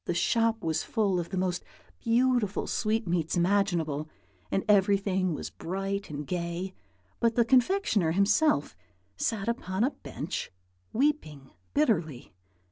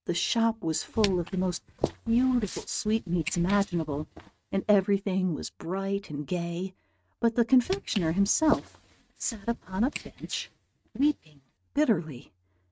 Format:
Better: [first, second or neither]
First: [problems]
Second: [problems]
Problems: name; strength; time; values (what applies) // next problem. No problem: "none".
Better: first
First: none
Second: noise reduction (neural mask model RNNoise)